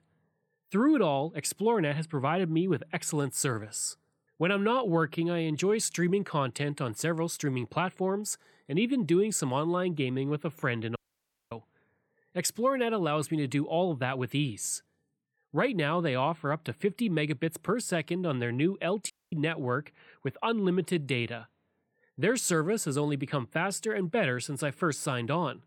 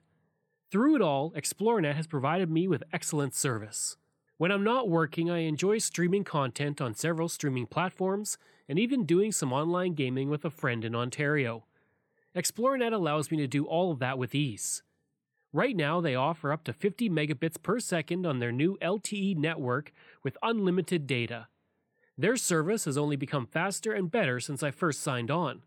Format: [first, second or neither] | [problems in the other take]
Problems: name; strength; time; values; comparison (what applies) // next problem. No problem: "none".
second | audio cutting out; at 11 s for 0.5 s and at 19 s